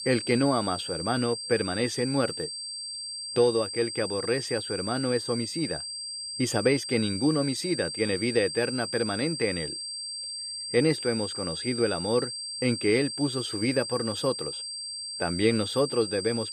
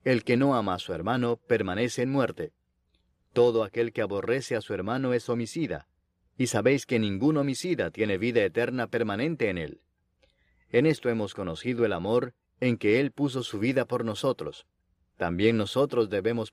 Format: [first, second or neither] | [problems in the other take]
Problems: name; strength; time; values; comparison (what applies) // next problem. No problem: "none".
second | high-pitched whine; loud; throughout; 4.5 kHz, 5 dB below the speech